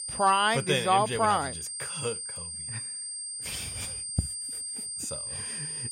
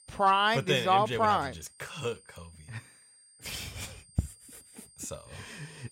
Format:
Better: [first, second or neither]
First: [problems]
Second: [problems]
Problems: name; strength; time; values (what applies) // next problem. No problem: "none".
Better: second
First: high-pitched whine; loud; throughout; 8.5 kHz, 6 dB below the speech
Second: high-pitched whine; faint; throughout; 8.5 kHz, 25 dB below the speech